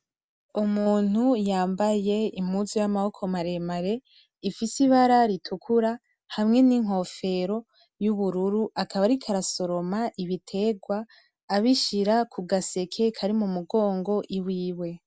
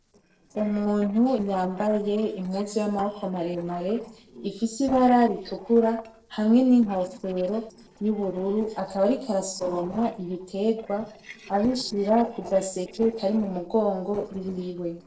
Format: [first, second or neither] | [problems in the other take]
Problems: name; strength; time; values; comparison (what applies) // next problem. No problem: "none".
first | noise reduction (neural separator model SepFormer DNS4)